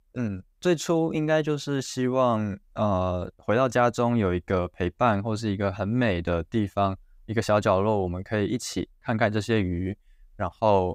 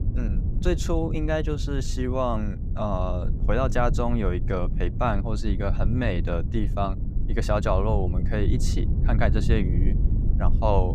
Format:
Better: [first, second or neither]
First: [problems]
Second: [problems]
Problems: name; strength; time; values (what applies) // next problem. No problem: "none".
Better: first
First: none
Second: low rumble; noticeable; throughout; 10 dB below the speech